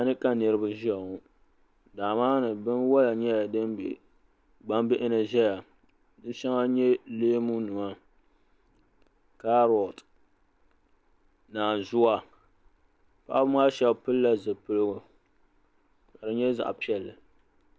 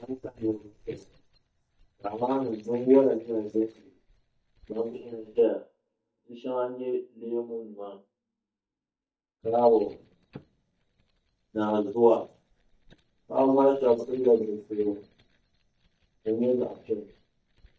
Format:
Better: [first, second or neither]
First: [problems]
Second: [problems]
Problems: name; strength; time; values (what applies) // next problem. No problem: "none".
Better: first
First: none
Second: noise reduction (neural mask model DeepFilterNet 3)